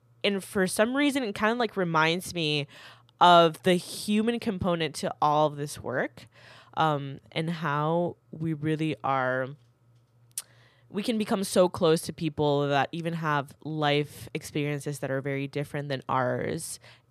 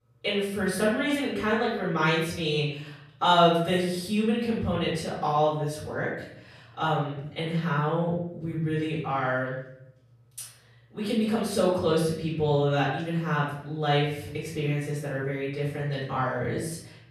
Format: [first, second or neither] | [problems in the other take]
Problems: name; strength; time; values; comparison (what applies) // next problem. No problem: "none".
first | off-mic speech; far // room echo; noticeable; dies away in 0.7 s